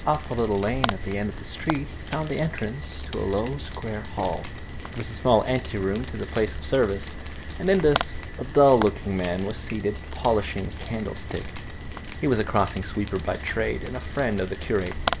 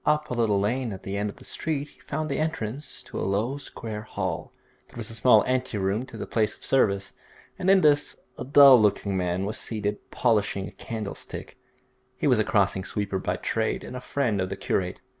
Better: second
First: background sound (Rain); 7 dB below the speech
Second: none

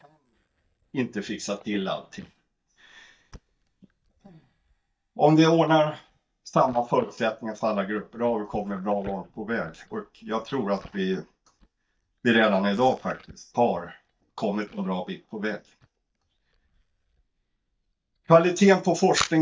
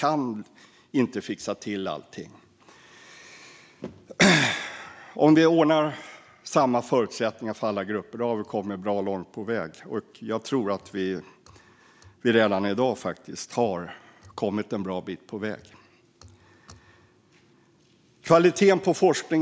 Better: second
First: noise reduction (neural mask model DeepFilterNet 3)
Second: none

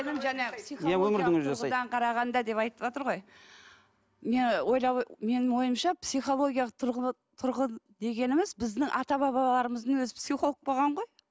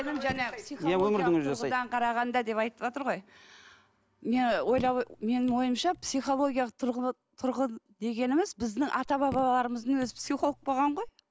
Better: first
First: none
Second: background sound (Raindrop / Drip); 18 dB below the speech

